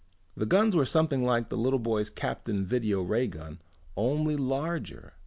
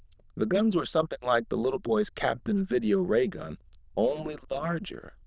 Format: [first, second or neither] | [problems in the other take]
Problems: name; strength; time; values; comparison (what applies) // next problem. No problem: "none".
first | noise reduction (neural diffusion model UNIVERSE++)